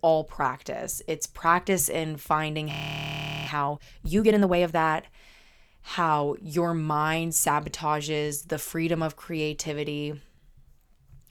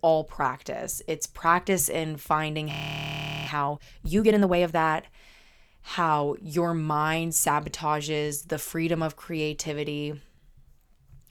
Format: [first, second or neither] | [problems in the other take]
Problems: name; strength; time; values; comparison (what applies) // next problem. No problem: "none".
neither | audio freezing; at 2.5 s for 1 s; the same in both